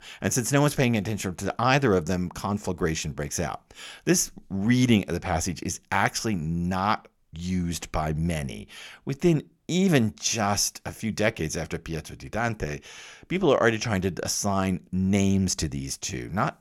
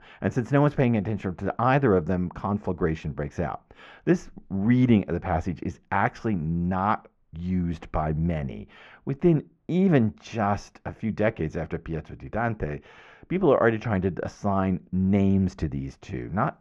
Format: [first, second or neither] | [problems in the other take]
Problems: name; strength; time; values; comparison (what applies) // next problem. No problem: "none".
first | muffled; very; fading above 1.5 kHz